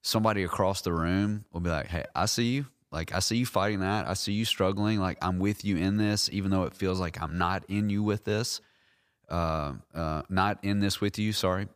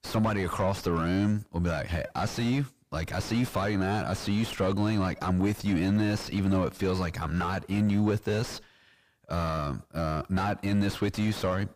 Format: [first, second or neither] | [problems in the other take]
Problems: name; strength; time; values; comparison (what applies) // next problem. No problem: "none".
first | distortion; heavy; 6 dB below the speech